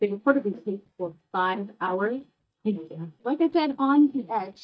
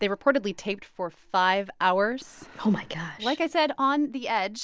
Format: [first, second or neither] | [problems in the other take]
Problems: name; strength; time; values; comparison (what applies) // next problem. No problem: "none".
second | noise reduction (neural mask model DeepFilterNet 3)